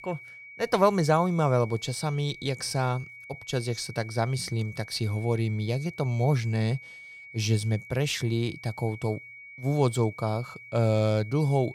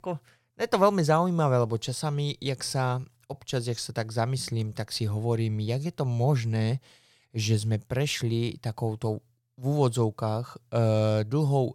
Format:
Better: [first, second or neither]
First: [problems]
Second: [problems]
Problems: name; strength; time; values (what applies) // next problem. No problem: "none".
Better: second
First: high-pitched whine; noticeable; throughout; 2 kHz, 15 dB below the speech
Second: none